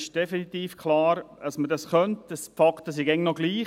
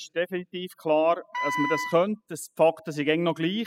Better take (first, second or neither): first